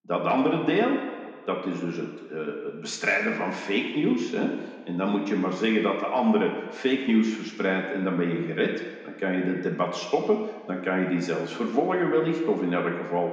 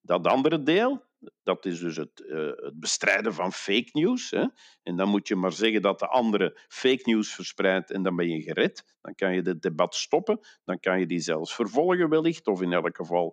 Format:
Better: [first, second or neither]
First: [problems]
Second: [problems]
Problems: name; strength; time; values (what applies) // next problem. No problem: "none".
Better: second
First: room echo; noticeable; dies away in 1.6 s // off-mic speech; somewhat distant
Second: none